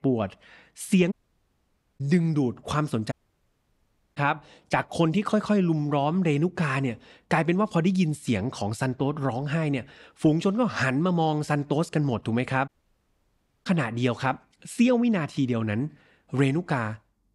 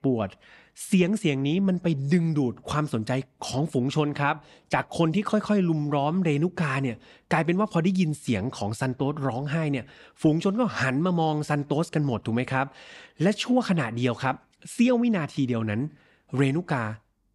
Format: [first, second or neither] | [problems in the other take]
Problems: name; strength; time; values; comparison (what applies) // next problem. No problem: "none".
second | audio cutting out; at 1 s for 1 s, at 3 s for 1 s and at 13 s for 1 s